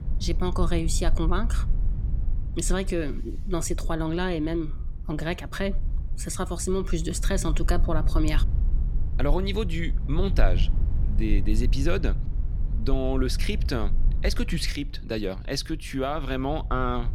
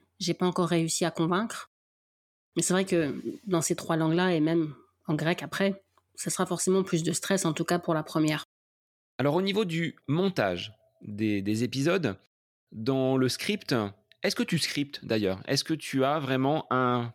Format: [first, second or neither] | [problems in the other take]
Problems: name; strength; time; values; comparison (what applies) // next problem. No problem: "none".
second | low rumble; noticeable; throughout; 15 dB below the speech